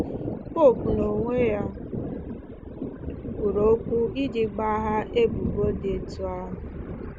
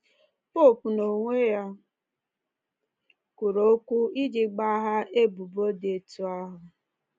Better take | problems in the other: second | background sound (Thunder); 5 dB below the speech

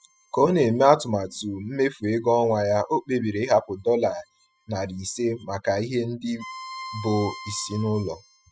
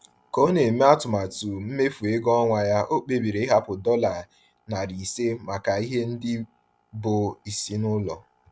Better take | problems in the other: second | noise reduction (classical method spectral subtraction)

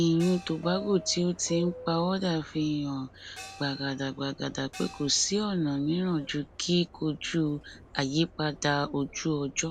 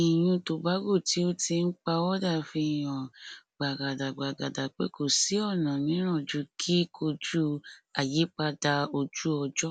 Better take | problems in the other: second | background sound (Gong + Subway, metro, underground); 17 dB below the speech

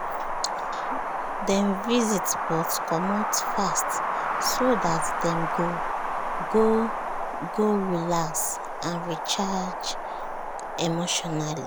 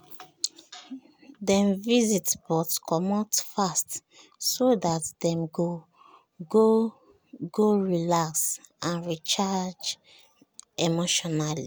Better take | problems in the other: second | background sound (Wind); 1 dB below the speech

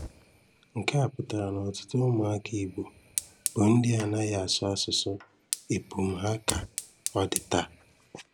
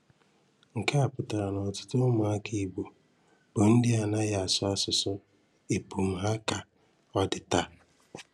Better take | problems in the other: second | background sound (Fire); 12 dB below the speech

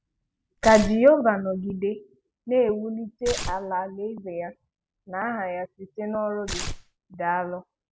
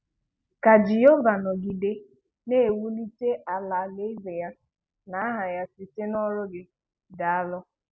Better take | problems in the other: second | background sound (Tearing); 7 dB below the speech

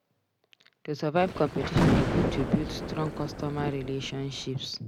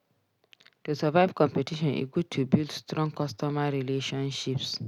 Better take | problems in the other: second | background sound (Thunder); 1 dB above the speech

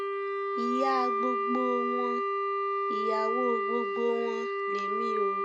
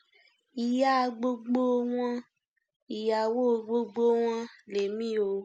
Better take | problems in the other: second | background sound (Wind instrument, woodwind instrument); 4 dB above the speech

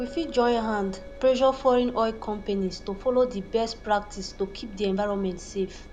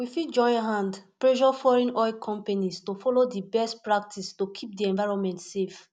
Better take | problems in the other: second | background sound (Engine + Chink, clink); 16 dB below the speech

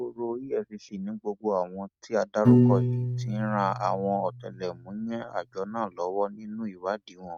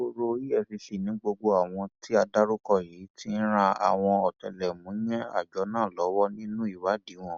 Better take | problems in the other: second | noise reduction (neural mask model RNNoise)

